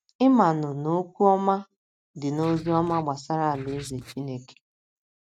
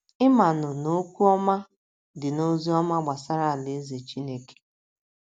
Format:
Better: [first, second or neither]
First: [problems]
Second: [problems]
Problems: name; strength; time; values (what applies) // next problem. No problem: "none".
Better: second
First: noise reduction (neural mask model RNNoise)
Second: none